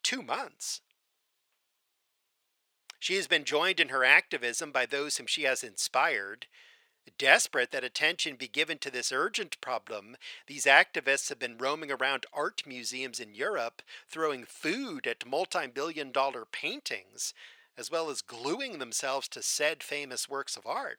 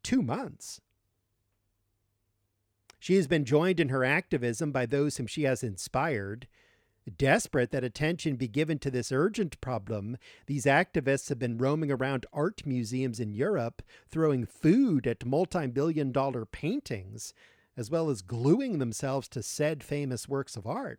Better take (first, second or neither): second